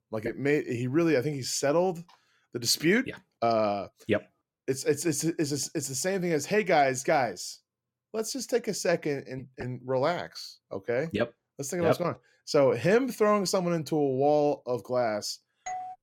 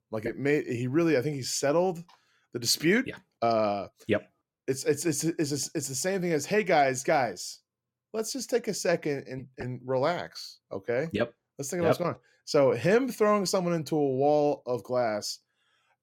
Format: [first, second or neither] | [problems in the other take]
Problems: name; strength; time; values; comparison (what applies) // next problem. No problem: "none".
second | doorbell; noticeable; at 15 s; peak 10 dB below the speech